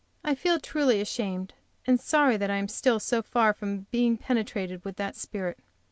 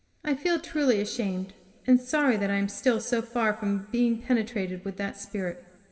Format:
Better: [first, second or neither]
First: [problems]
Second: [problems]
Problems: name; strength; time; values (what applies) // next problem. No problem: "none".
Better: first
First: none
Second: room echo; dies away in 2 s